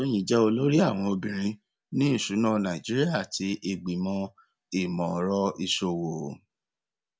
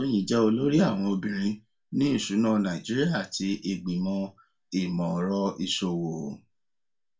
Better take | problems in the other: first | room echo; dies away in 0.2 s

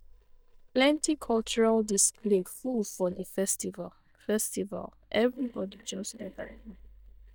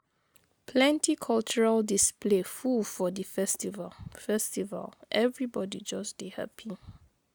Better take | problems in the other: second | noise reduction (neural mask model DeepFilterNet 3)

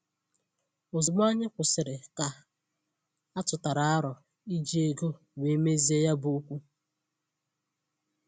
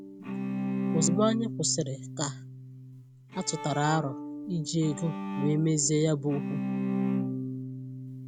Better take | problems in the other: first | background sound (Bowed string instrument); 3 dB below the speech

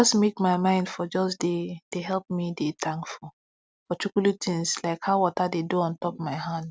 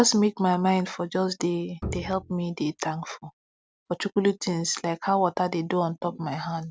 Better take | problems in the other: first | background sound (Bowed string instrument); 12 dB below the speech

